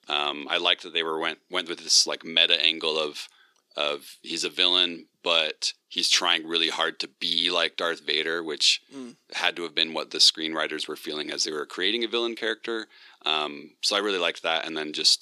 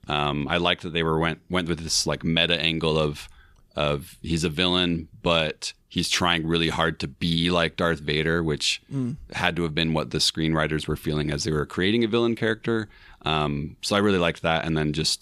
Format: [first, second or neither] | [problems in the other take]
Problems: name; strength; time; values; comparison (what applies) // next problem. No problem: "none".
second | thin; somewhat; fading below 300 Hz